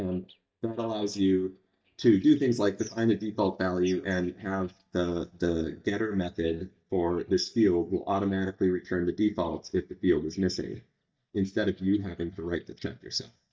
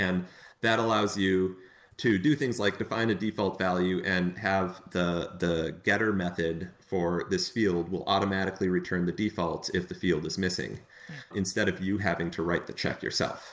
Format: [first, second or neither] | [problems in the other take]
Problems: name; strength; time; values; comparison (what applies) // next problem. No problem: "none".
second | noise reduction (neural mask model DeepFilterNet 3)